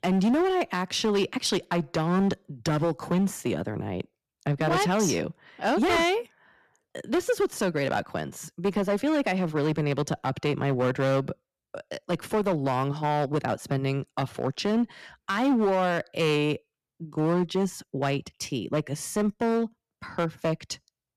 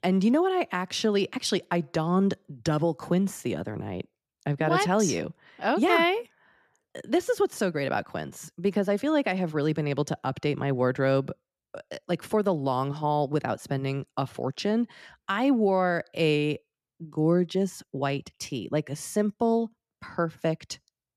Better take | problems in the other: second | distortion; slight; 9% of the sound clipped

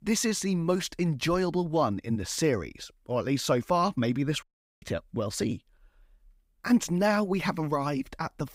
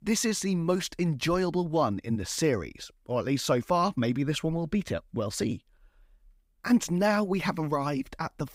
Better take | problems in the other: second | audio cutting out; at 4.5 s

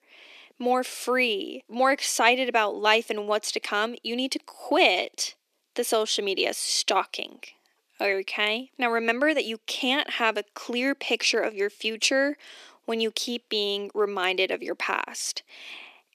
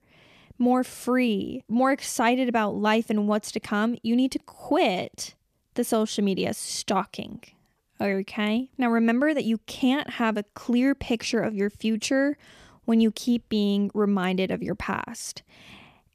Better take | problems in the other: second | thin; somewhat; fading below 300 Hz

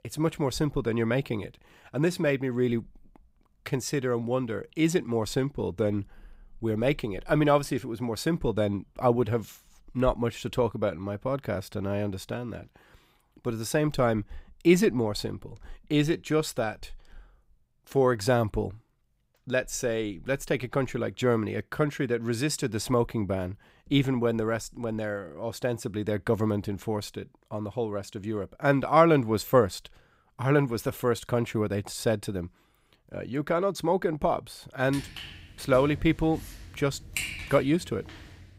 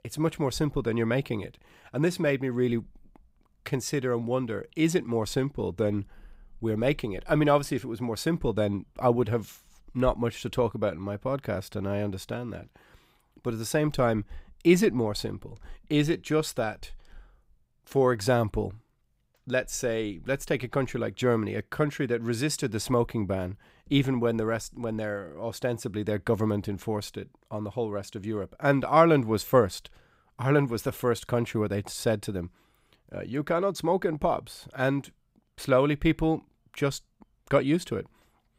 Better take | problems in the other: second | footsteps; noticeable; from 35 s on; peak 4 dB below the speech

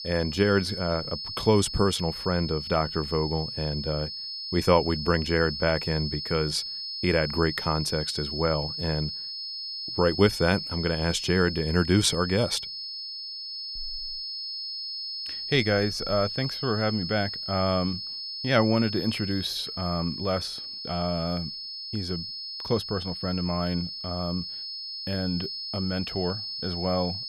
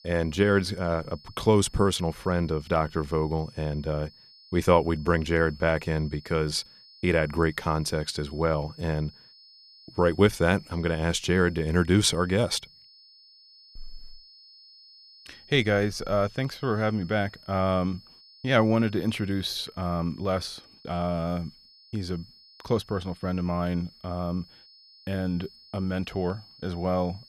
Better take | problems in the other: second | high-pitched whine; loud; throughout; 5 kHz, 5 dB below the speech; faint in the second

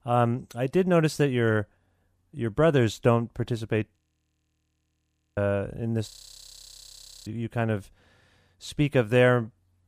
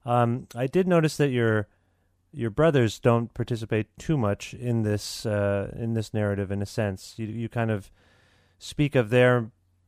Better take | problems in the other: second | audio freezing; at 4 s for 1.5 s and at 6 s for 1 s

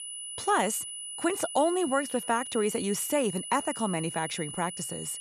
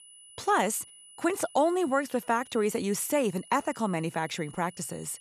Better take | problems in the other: second | high-pitched whine; loud; throughout; 10 kHz, 7 dB below the speech; faint in the second

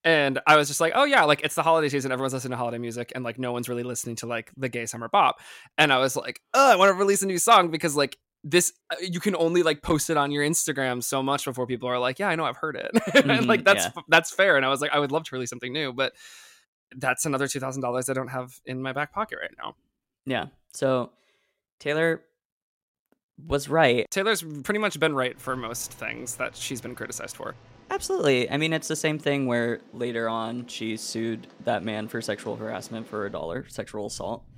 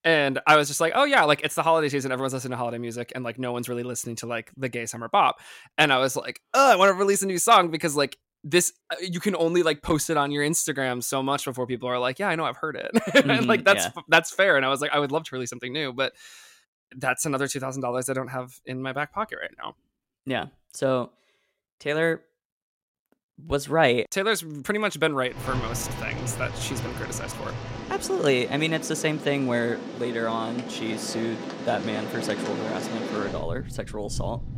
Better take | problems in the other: first | rain or running water; loud; from 25 s on; 10 dB below the speech; faint in the first

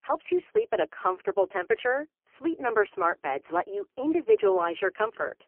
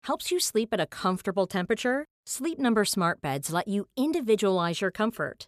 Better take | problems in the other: second | phone-call audio; poor line; nothing above 3 kHz

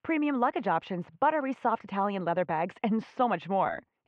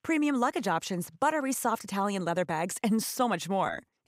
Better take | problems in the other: second | muffled; very; fading above 3 kHz

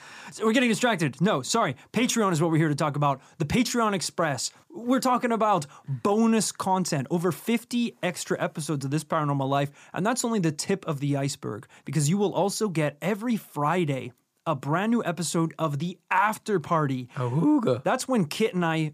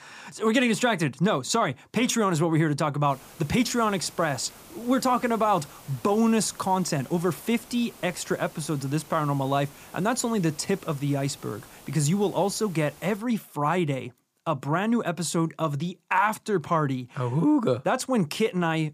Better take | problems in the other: first | hiss; faint; from 3 to 13 s; 20 dB below the speech

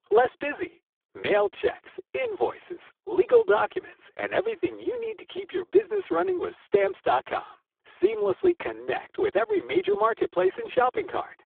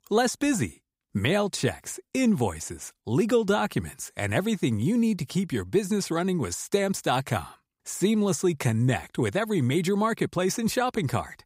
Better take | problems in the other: second | phone-call audio; poor line

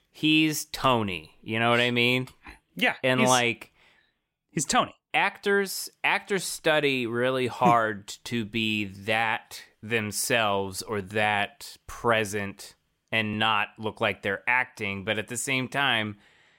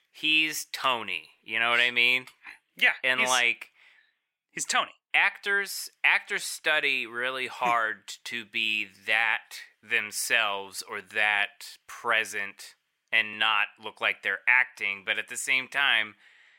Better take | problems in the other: first | thin; very; fading below 1 kHz

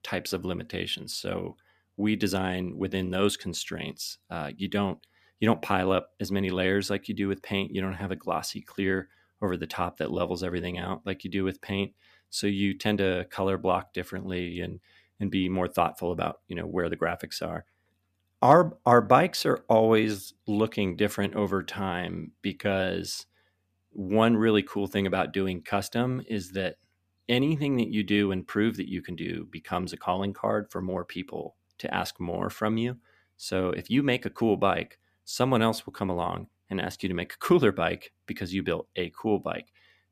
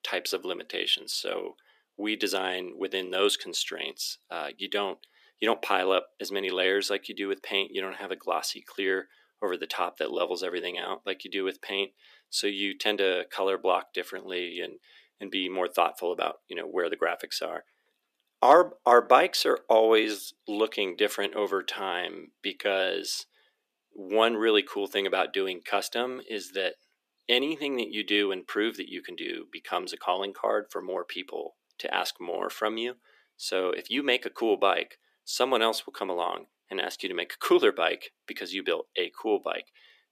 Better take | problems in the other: first | thin; somewhat; fading below 350 Hz

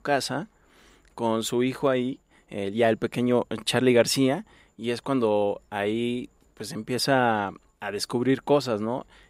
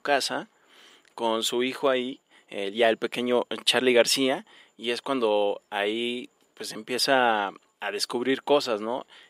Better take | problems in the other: first | thin; very slightly; fading below 300 Hz

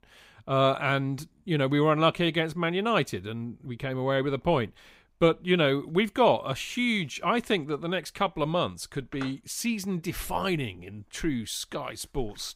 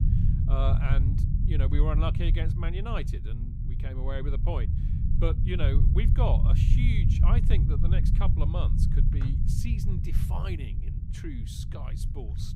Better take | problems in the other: first | low rumble; loud; throughout; 4 dB below the speech

